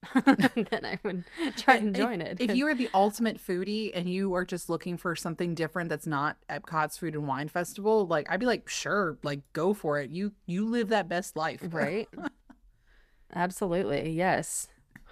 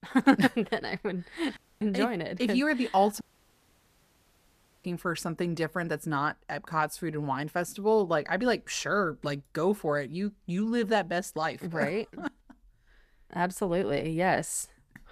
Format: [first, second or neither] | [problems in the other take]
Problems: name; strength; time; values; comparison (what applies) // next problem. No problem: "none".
first | audio cutting out; at 1.5 s and at 3 s for 1.5 s